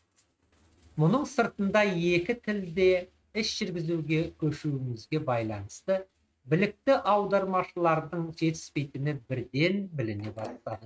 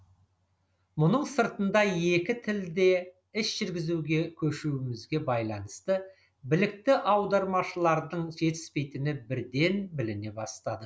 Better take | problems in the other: second | noise reduction (neural mask model RNNoise)

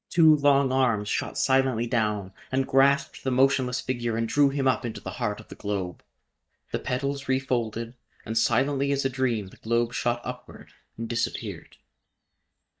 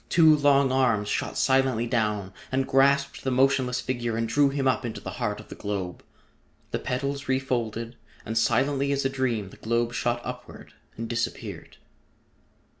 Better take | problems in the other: second | noise reduction (neural mask model DeepFilterNet 3)

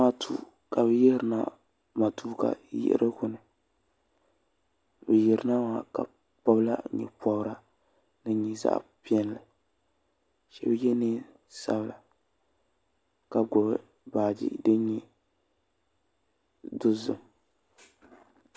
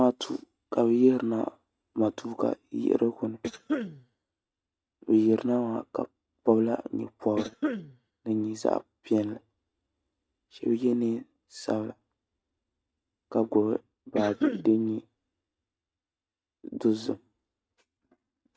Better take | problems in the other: first | noise reduction (neural mask model RNNoise)

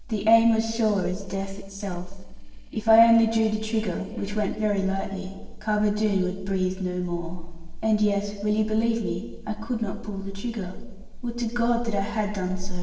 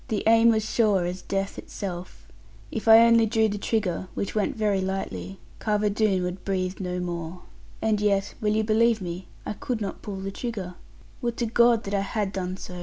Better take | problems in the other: second | noise reduction (neural separator model SepFormer DNS4)

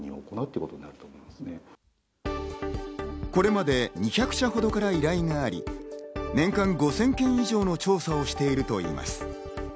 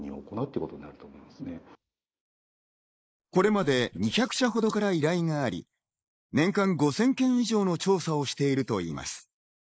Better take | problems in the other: first | noise reduction (neural mask model Resemble Enhance denoiser)

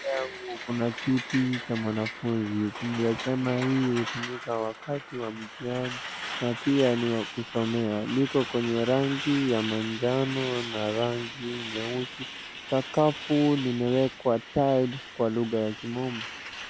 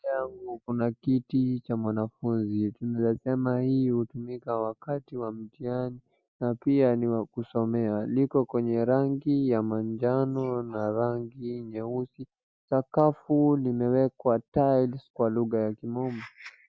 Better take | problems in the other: second | background sound (Truck); 10 dB below the speech

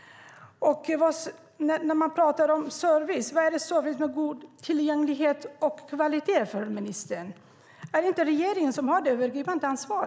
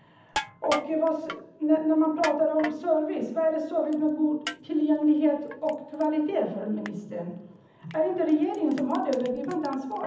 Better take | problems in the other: first | background sound (Crushing); 15 dB below the speech // room echo; dies away in 0.8 s

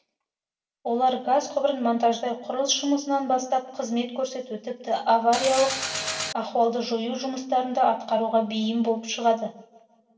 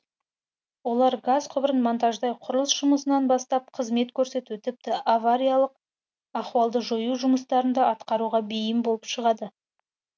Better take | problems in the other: second | background sound (Mechanisms); 4 dB below the speech // room echo; dies away in 0.8 s

